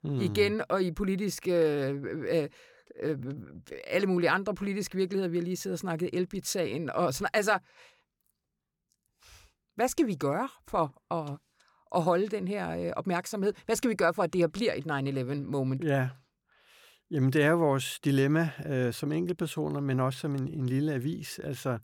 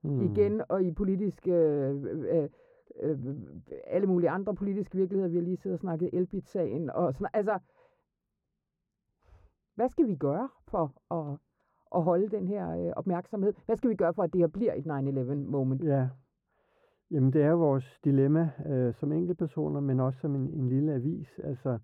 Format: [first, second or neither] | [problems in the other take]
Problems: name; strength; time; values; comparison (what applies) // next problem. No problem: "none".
first | muffled; very; fading above 2 kHz